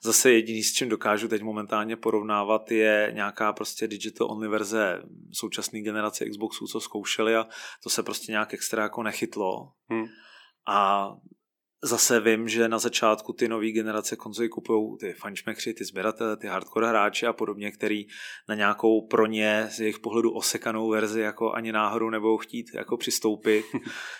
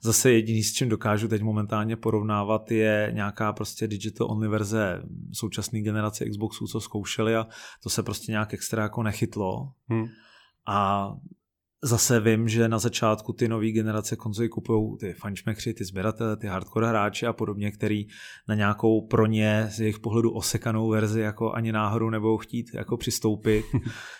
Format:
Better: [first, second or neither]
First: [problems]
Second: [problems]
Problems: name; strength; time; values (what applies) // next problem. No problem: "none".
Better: second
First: thin; somewhat; fading below 250 Hz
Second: none